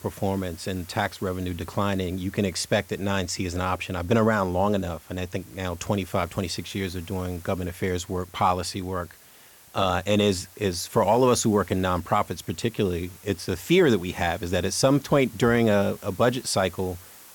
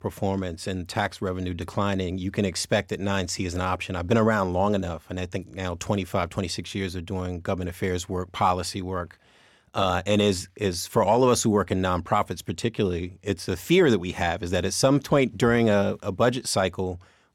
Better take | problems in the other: second | hiss; faint; throughout; 20 dB below the speech

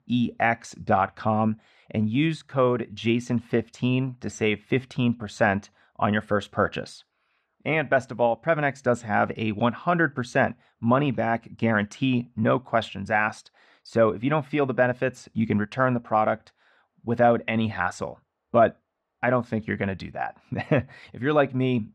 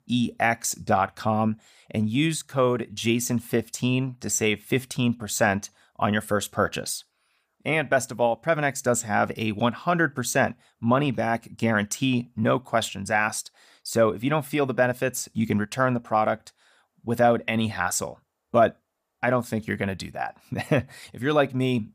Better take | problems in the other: second | muffled; slightly; fading above 3 kHz

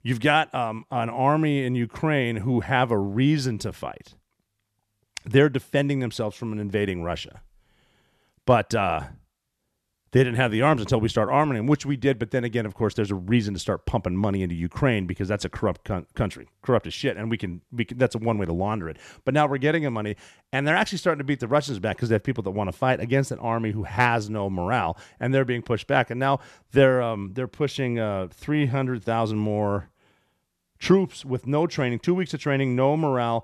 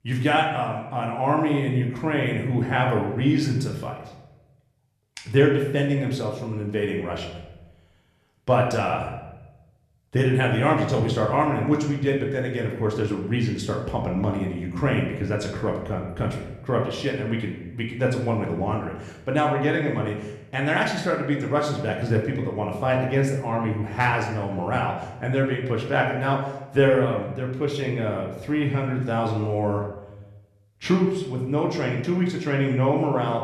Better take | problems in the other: first | room echo; slight; dies away in 0.8 s // off-mic speech; somewhat distant

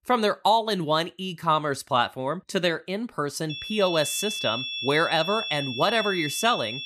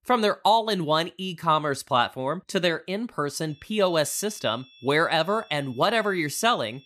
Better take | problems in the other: second | high-pitched whine; loud; from 3.5 s on; 3.5 kHz, 5 dB below the speech; faint in the second

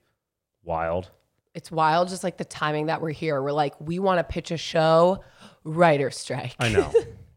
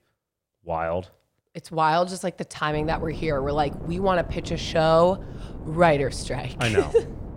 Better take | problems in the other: first | wind noise on the microphone; faint; from 2.5 s on; 20 dB below the speech

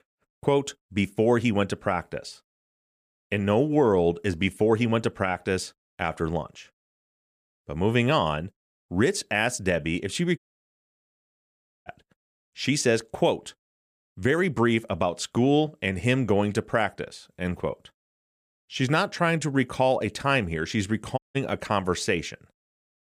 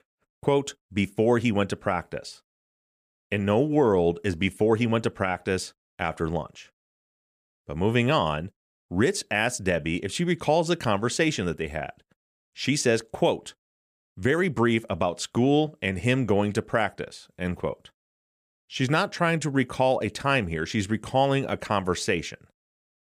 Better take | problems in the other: second | audio cutting out; at 10 s for 1.5 s and at 21 s

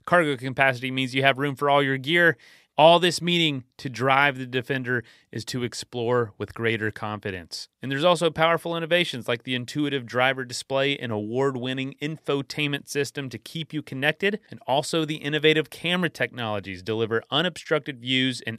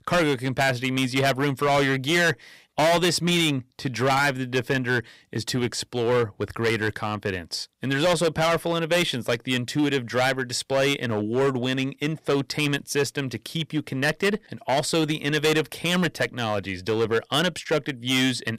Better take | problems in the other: first | distortion; heavy; 10% of the sound clipped

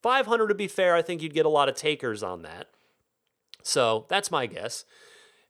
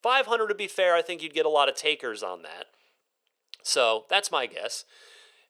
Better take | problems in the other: first | thin; somewhat; fading below 400 Hz

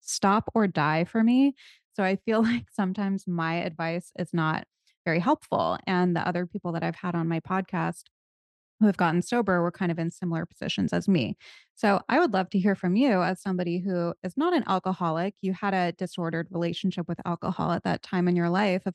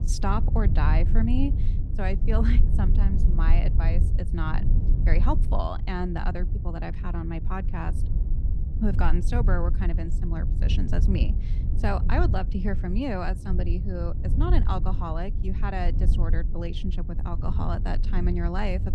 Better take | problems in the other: first | low rumble; loud; throughout; 9 dB below the speech

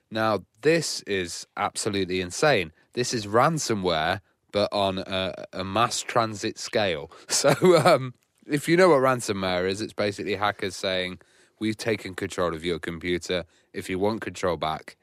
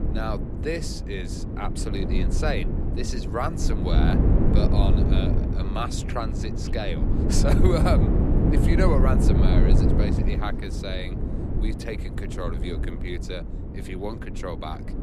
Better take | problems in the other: first | wind noise on the microphone; heavy; 1 dB below the speech

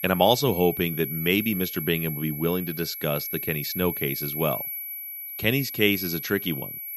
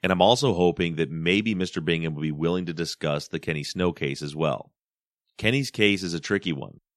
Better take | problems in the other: second | high-pitched whine; loud; throughout; 11.5 kHz, 5 dB below the speech

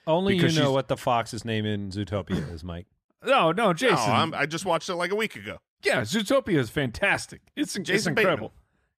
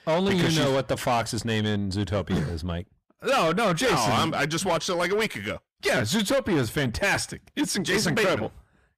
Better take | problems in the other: first | distortion; heavy; 7 dB below the speech

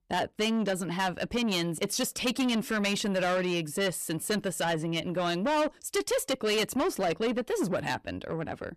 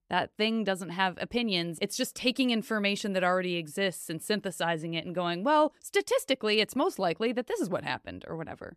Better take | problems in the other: second | distortion; heavy; 7 dB below the speech

